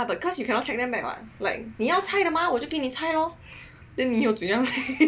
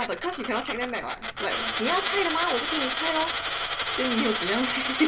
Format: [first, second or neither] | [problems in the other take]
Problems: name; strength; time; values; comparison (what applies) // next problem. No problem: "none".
first | background sound (Coin (dropping)); 1 dB below the speech